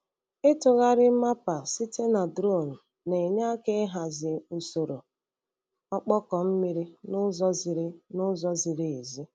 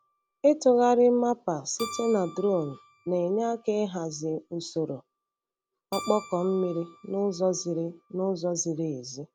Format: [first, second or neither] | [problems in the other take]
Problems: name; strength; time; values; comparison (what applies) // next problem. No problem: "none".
first | background sound (Keyboard (musical)); 19 dB below the speech